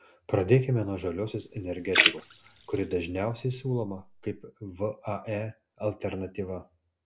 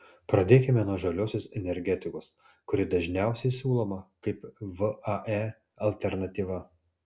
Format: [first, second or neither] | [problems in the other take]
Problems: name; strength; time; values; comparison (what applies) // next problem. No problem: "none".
second | background sound (Splash, splatter); 2 dB below the speech